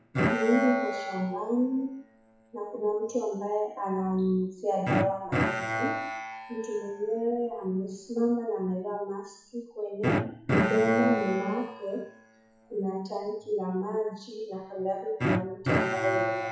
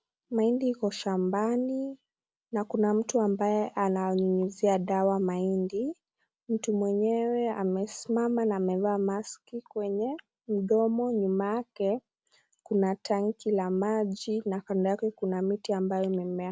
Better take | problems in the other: second | noise reduction (classical method WPE with log-MMSE)

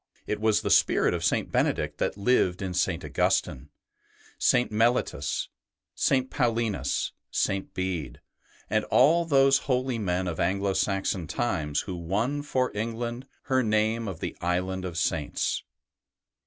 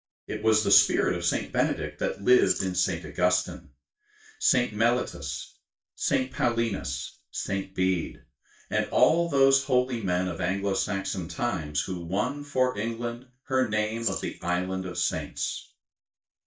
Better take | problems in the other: first | noise reduction (neural mask model DeepFilterNet 3)

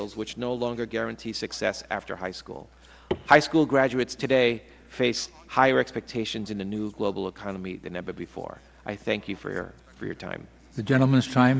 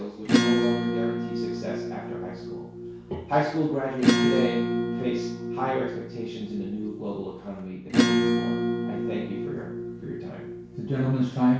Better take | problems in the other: first | background sound (Acoustic guitar / Strum); 3 dB above the speech // room echo; dies away in 0.6 s

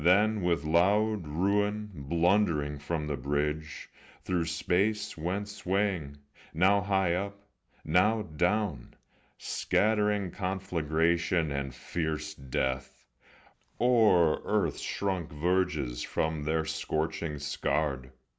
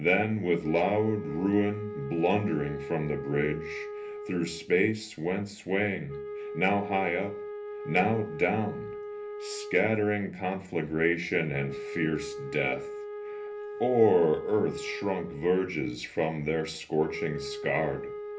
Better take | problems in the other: first | background sound (Wind instrument, woodwind instrument); 10 dB below the speech // room echo; dies away in 0.3 s

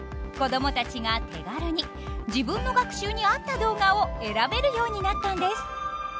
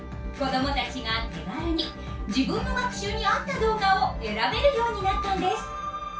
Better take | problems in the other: first | room echo; dies away in 0.3 s

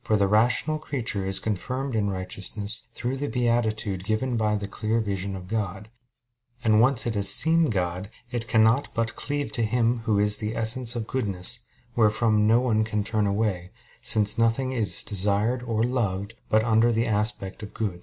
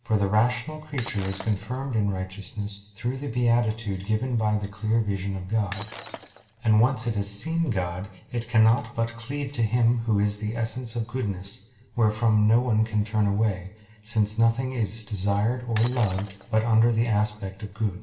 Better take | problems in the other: first | background sound (Shatter); 17 dB below the speech // room echo; dies away in 0.8 s

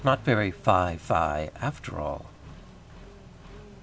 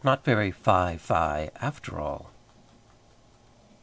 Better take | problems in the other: second | background sound (Accelerating, revving, vroom); 17 dB below the speech

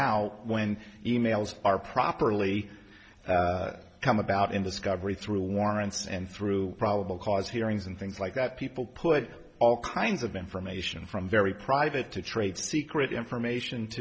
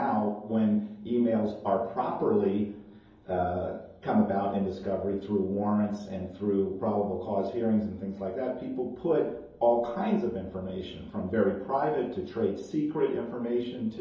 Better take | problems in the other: first | room echo; dies away in 2.8 s

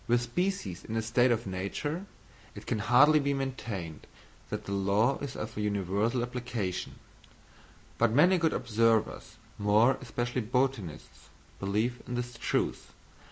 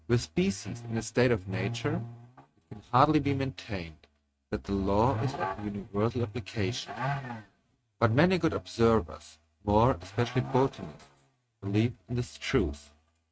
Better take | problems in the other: first | noise reduction (neural mask model RNNoise)

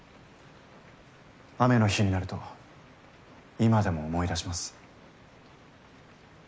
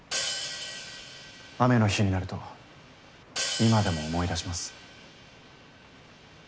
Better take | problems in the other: first | background sound (Hi-hat); 8 dB below the speech

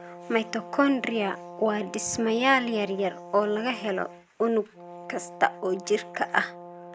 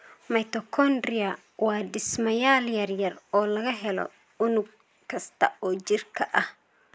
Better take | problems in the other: second | background sound (Brass instrument); 15 dB below the speech

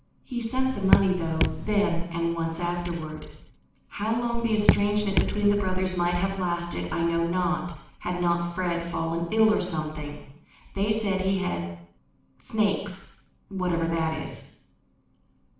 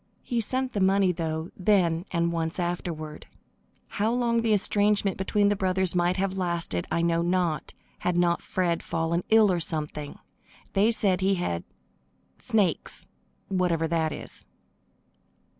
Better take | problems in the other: second | background sound (Raindrop / Drip); 2 dB above the speech // room echo; dies away in 0.7 s

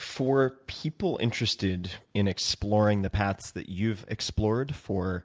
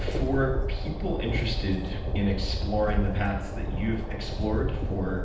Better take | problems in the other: first | background sound (Train); 1 dB above the speech // room echo; dies away in 0.9 s

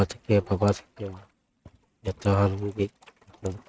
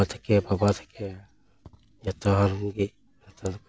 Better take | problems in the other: second | noise reduction (neural mask model RNNoise)

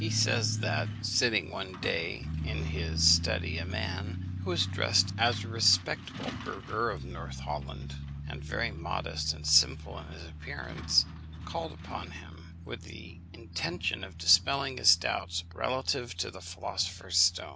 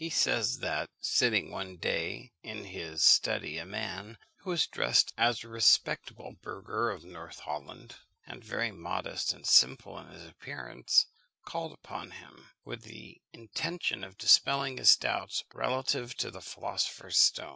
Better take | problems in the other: second | background sound (Truck); 6 dB below the speech

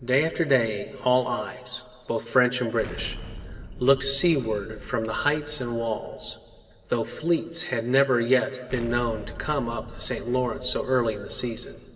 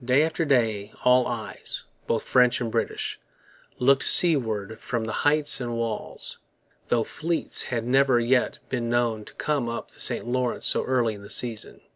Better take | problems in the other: second | background sound (Explosion); 16 dB below the speech // room echo; dies away in 2 s

